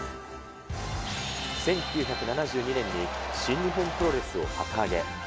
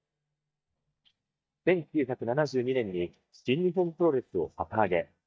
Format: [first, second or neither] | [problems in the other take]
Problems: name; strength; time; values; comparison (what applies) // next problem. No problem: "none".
first | noise reduction (neural mask model DeepFilterNet 3)